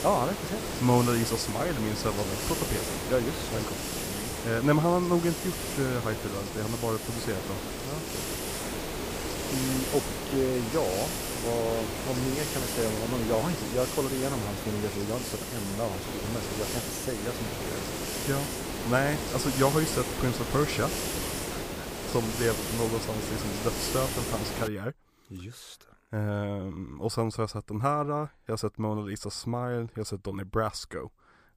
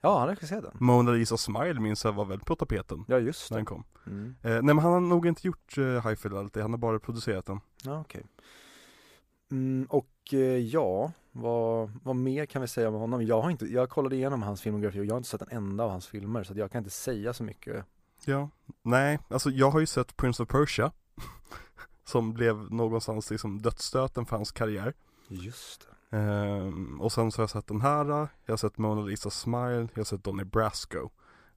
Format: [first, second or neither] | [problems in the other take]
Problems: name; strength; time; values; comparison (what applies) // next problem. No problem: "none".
second | hiss; loud; until 25 s; 2 dB below the speech